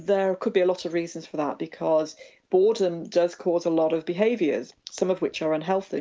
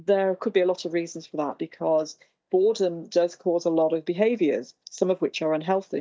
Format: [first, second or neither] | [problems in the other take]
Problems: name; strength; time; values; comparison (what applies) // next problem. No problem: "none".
first | noise reduction (neural mask model DeepFilterNet 3)